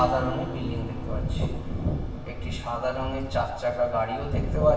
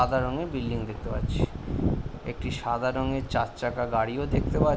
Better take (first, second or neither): second